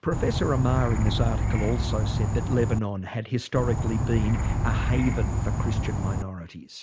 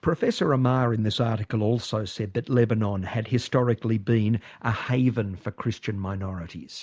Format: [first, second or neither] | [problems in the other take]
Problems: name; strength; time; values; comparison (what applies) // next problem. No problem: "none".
second | background sound (Insect); 2 dB above the speech